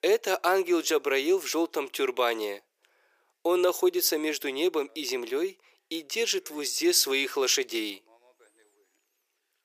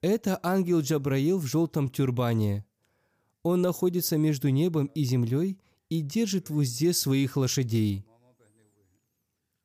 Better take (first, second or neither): second